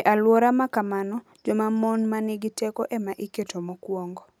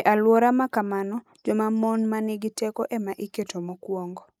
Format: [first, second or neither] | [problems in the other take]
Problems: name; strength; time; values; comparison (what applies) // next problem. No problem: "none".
first | noise reduction (neural mask model Resemble Enhance denoiser)